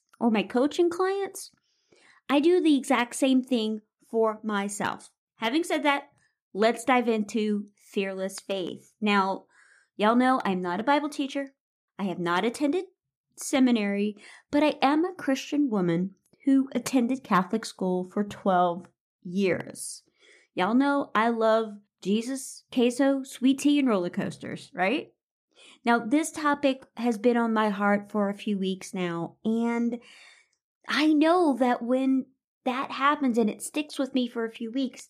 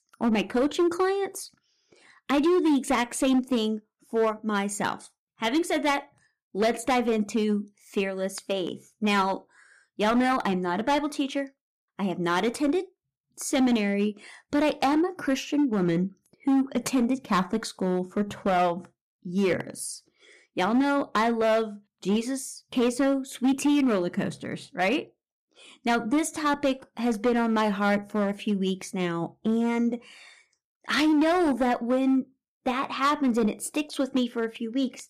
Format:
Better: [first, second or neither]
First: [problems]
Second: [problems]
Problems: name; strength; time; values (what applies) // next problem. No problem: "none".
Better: first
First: none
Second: distortion; slight; 7% of the sound clipped